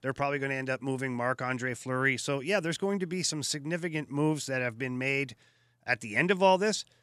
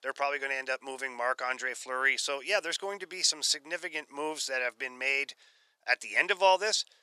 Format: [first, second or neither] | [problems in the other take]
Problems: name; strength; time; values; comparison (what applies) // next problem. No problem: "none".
first | thin; very; fading below 550 Hz